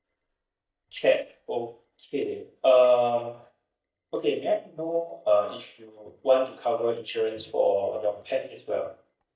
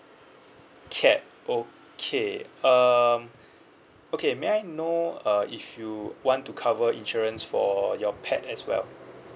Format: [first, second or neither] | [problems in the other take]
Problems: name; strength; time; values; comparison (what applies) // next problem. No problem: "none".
second | noise reduction (neural mask model DeepFilterNet 3)